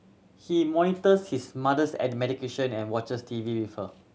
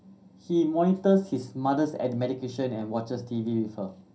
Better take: first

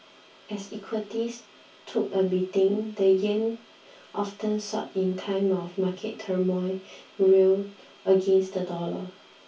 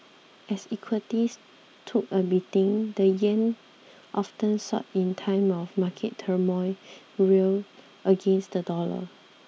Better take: second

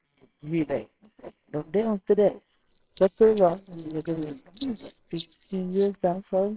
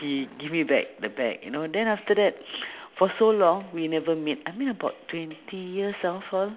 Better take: second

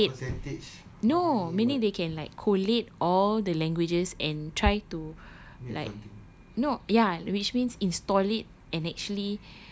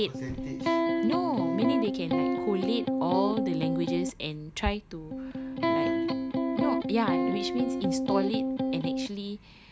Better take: first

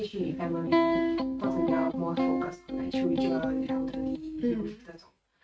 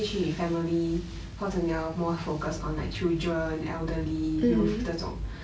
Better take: second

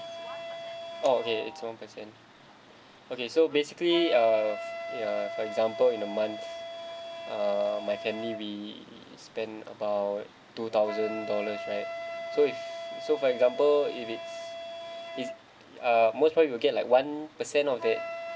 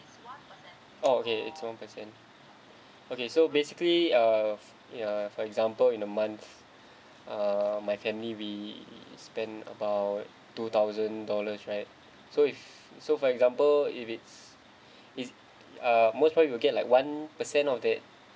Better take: second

